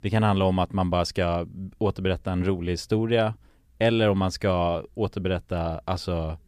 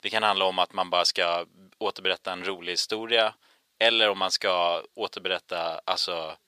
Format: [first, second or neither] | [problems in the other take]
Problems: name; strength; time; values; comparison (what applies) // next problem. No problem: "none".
first | thin; very; fading below 700 Hz